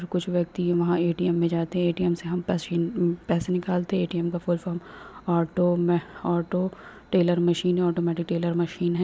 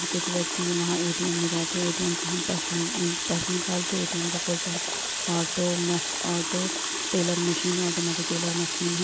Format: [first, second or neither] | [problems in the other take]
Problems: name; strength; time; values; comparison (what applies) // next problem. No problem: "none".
first | background sound (Water tap, faucet); as loud as the speech